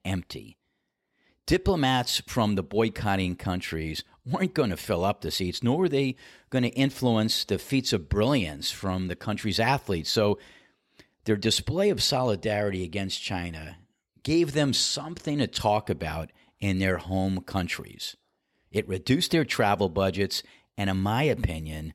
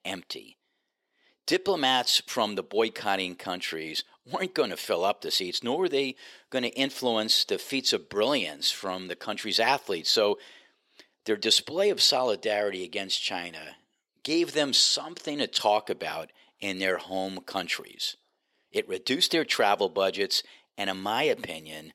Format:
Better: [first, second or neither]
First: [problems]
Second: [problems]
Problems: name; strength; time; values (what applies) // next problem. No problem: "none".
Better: first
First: none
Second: thin; somewhat; fading below 400 Hz